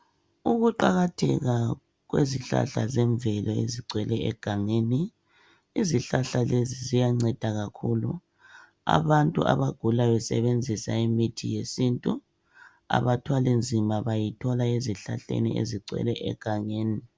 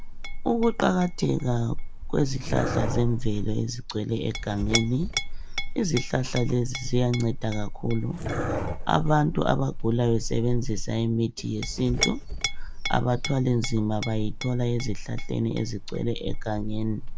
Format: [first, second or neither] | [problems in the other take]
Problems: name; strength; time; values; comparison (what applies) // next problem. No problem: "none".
first | background sound (Dog + Chink, clink); 3 dB below the speech